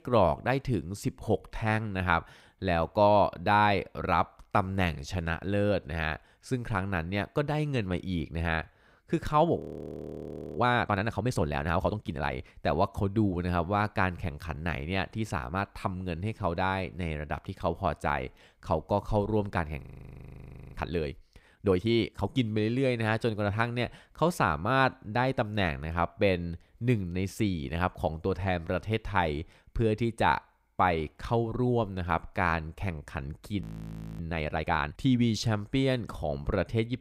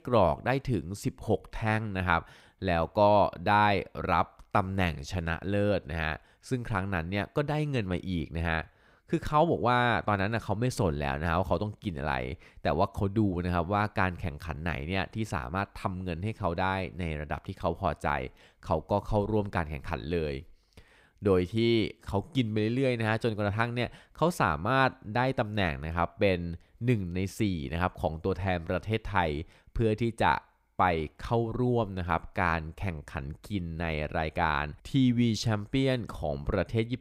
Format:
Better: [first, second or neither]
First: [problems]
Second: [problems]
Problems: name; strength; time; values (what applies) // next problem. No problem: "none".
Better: second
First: audio freezing; at 9.5 s for 1 s, at 20 s for 1 s and at 34 s for 0.5 s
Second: none